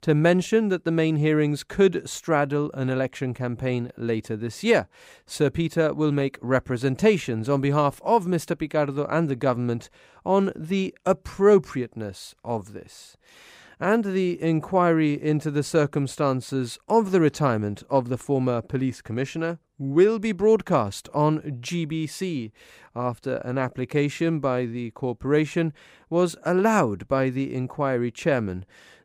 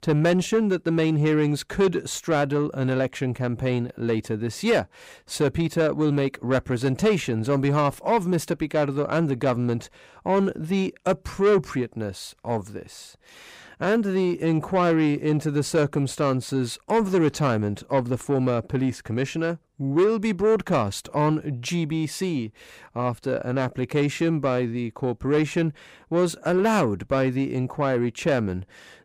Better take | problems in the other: first | distortion; slight; 10 dB below the speech

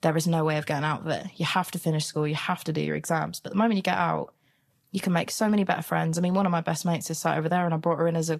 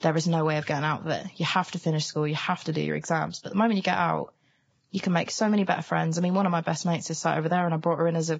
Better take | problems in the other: first | garbled, watery; badly; nothing above 7.5 kHz; slightly in the first

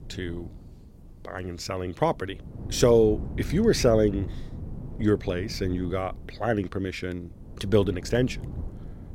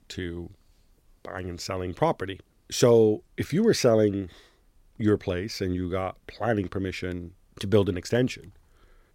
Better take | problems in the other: second | wind noise on the microphone; occasional gusts; 20 dB below the speech

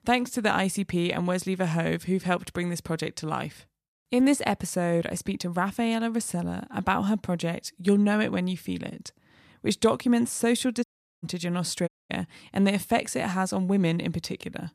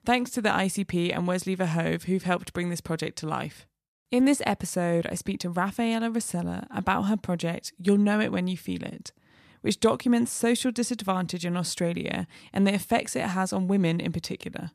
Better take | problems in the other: second | audio cutting out; at 11 s and at 12 s

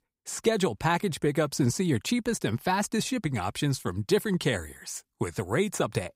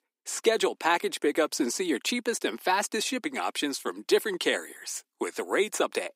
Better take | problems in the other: first | thin; somewhat; fading below 250 Hz

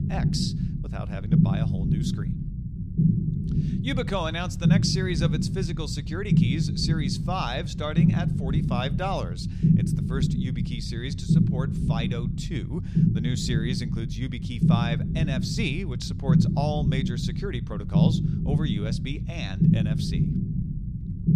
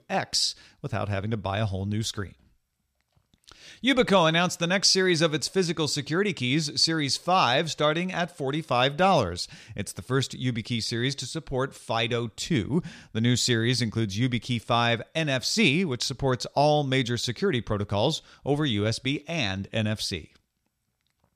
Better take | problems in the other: second | low rumble; loud; throughout; 2 dB below the speech

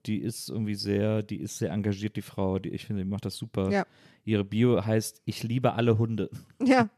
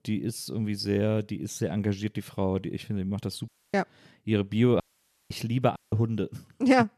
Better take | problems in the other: first | audio cutting out; at 3.5 s, at 5 s for 0.5 s and at 6 s

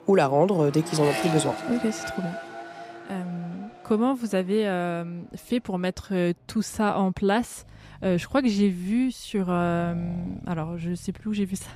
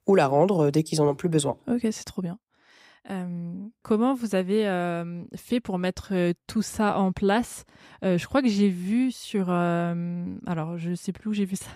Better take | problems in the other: second | traffic noise; noticeable; throughout; 10 dB below the speech

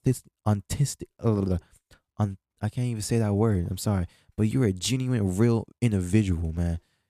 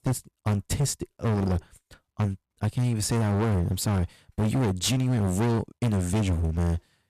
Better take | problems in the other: first | distortion; heavy; 21% of the sound clipped

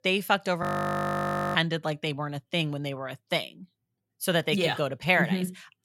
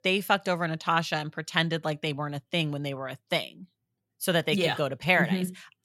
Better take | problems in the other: second | audio freezing; at 0.5 s for 1 s

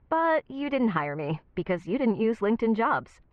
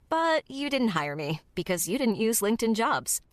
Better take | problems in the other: second | muffled; very; fading above 2 kHz

